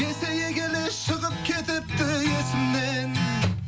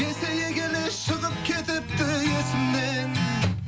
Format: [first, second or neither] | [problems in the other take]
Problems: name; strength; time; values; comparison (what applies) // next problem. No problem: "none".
first | background sound (Wind instrument, woodwind instrument); 15 dB below the speech